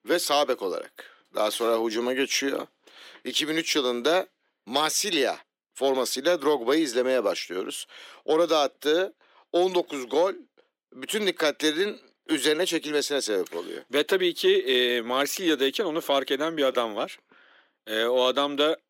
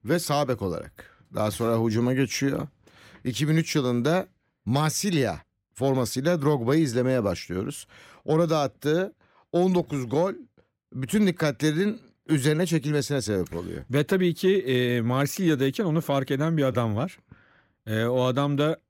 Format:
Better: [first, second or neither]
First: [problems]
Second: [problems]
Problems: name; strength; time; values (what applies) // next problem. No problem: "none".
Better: second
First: thin; somewhat; fading below 350 Hz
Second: none